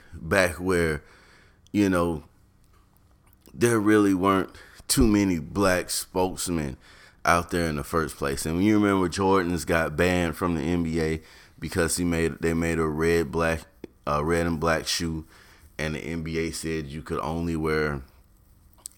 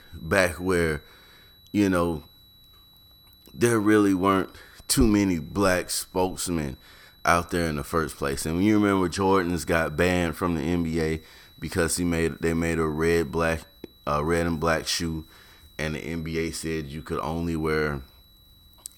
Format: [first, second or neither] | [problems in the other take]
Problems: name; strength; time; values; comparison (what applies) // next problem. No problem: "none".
first | high-pitched whine; faint; throughout; 4 kHz, 30 dB below the speech